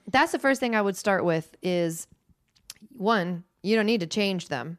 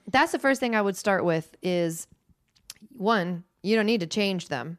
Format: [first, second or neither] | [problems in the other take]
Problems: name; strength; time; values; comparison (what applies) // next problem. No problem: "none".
neither | none